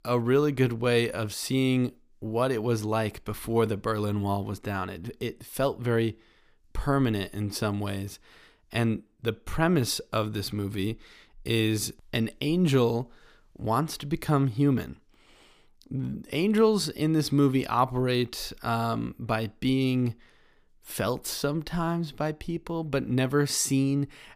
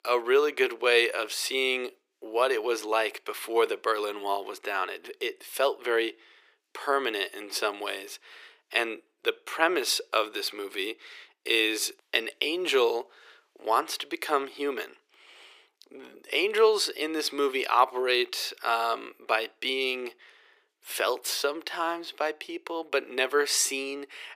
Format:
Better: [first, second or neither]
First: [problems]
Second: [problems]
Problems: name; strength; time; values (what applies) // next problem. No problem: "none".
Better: first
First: none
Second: thin; very; fading below 350 Hz